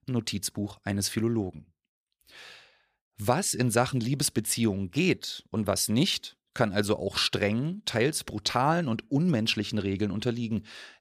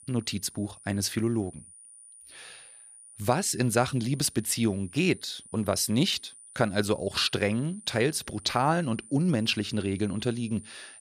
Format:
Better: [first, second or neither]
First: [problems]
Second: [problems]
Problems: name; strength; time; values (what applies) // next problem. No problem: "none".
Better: first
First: none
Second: high-pitched whine; noticeable; throughout; 9.5 kHz, 20 dB below the speech